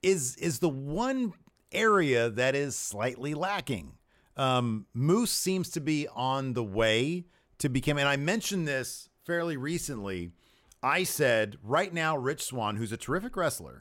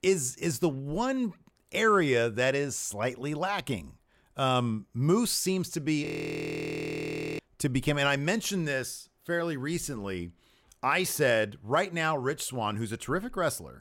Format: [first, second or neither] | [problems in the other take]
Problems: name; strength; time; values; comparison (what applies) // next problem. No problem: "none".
first | audio freezing; at 6 s for 1.5 s